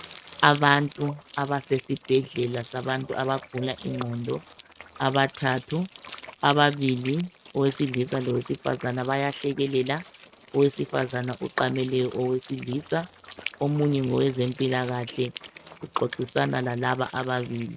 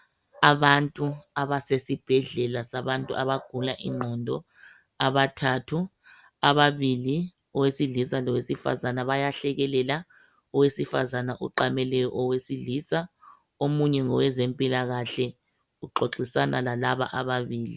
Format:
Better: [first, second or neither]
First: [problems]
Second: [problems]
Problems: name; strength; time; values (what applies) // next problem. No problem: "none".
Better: second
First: noise reduction (neural mask model RNNoise)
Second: none